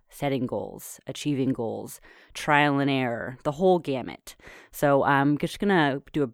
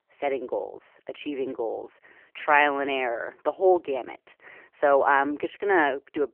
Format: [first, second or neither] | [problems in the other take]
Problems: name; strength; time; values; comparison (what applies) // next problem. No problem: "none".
first | phone-call audio; poor line; nothing above 3 kHz